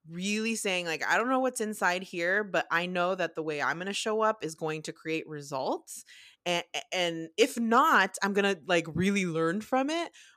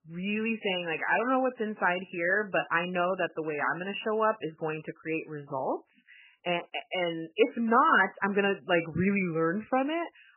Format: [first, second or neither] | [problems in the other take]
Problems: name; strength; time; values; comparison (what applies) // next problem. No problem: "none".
first | garbled, watery; badly; nothing above 3 kHz